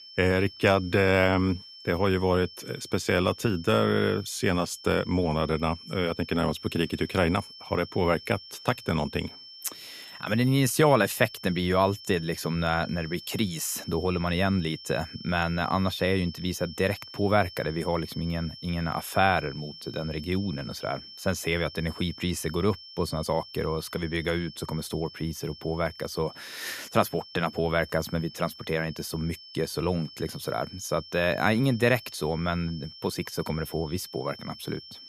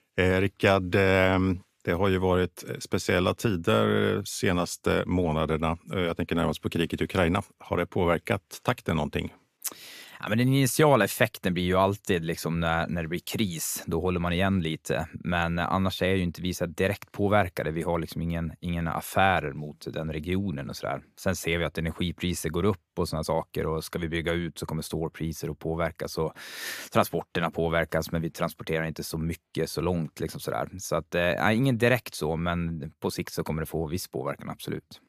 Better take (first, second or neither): second